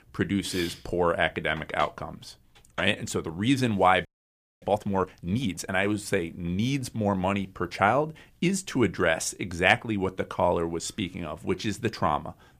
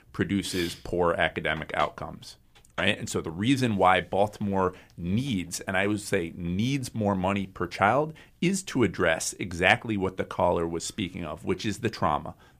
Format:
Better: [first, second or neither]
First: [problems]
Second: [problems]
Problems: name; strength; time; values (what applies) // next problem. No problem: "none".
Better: second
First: audio freezing; at 4 s for 0.5 s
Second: none